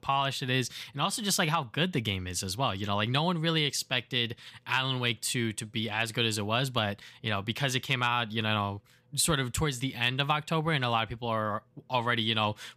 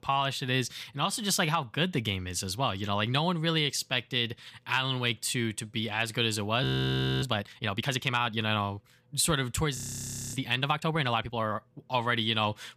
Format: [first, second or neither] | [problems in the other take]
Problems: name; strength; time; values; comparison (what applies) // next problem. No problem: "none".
first | audio freezing; at 6.5 s for 0.5 s and at 10 s for 0.5 s